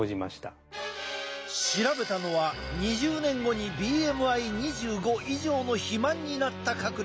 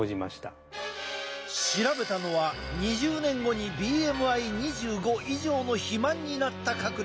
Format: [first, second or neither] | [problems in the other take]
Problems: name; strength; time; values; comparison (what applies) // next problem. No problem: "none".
first | background sound (Church bell); 20 dB below the speech